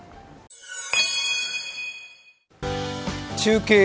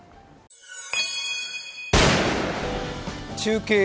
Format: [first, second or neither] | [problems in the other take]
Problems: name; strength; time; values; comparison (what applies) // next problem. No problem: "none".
first | background sound (Gunshot, gunfire); 4 dB above the speech